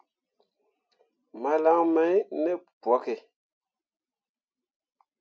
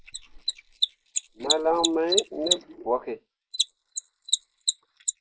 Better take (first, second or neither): first